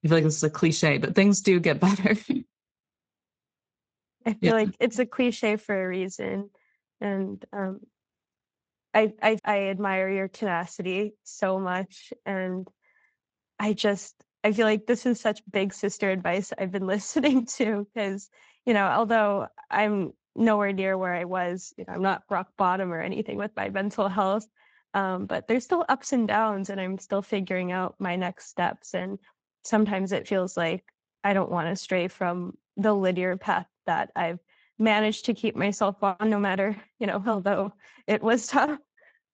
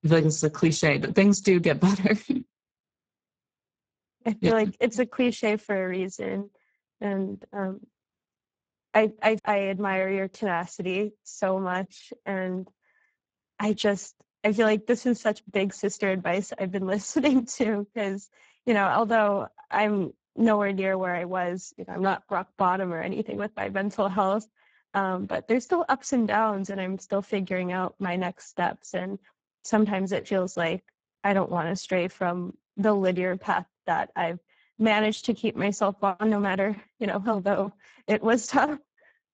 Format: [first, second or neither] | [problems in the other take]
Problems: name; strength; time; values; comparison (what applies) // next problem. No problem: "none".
first | garbled, watery; badly; nothing above 7.5 kHz; slightly in the first